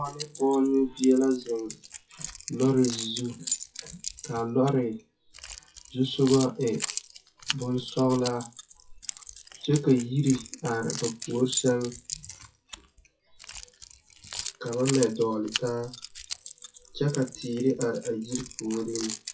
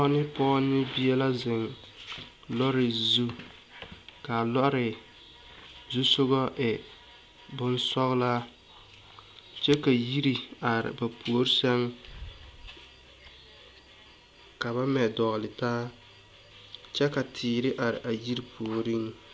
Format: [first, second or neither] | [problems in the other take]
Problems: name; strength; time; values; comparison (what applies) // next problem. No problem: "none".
second | noise reduction (classical method WPE with log-MMSE)